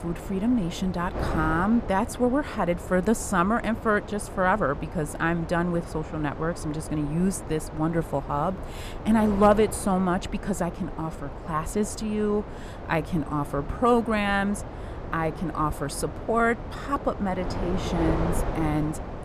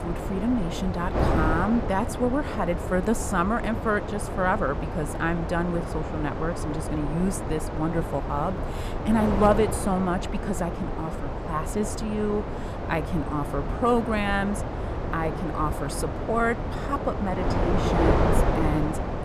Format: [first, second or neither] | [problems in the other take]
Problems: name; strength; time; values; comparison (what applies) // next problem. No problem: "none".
first | wind noise on the microphone; heavy; 4 dB below the speech; occasional gusts in the first